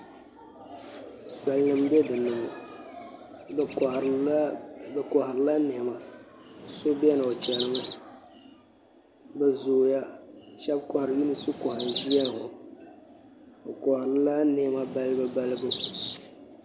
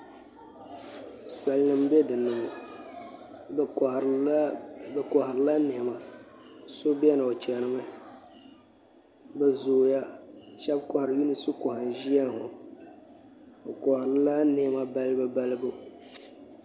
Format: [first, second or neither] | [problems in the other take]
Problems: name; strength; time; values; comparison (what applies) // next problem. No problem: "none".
second | background sound (Chirp, tweet); 15 dB below the speech